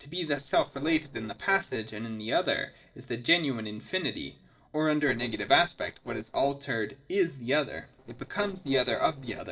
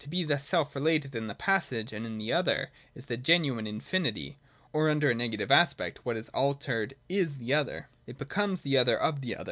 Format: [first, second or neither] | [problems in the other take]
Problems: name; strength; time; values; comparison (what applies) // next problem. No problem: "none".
second | noise reduction (neural separator model SepFormer DNS4)